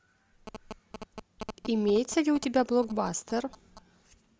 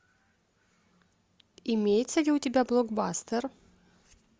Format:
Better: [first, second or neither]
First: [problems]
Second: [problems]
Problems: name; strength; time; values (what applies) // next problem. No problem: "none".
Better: second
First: background sound (Telephone); 16 dB below the speech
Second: none